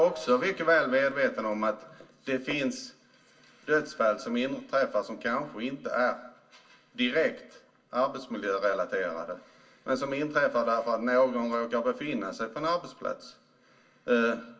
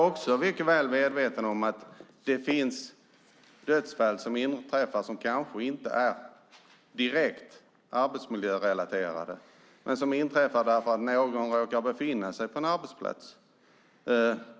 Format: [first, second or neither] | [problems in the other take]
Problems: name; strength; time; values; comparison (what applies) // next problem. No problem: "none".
second | room echo; dies away in 0.2 s